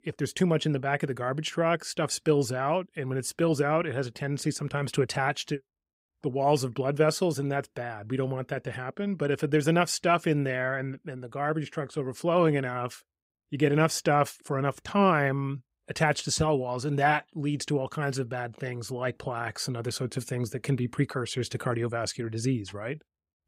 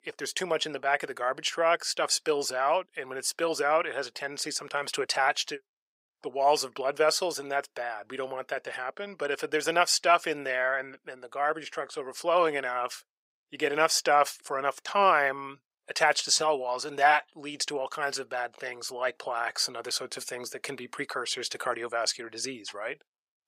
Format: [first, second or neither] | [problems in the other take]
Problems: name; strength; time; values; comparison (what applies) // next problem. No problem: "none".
first | thin; very; fading below 700 Hz